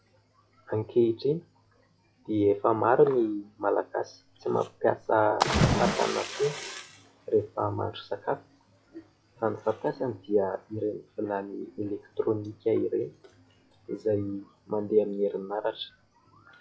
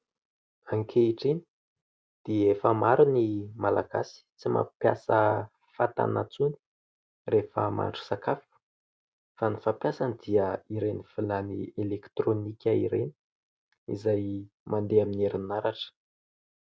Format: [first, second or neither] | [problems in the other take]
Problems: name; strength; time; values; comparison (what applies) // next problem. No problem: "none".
second | noise reduction (classical method log-MMSE)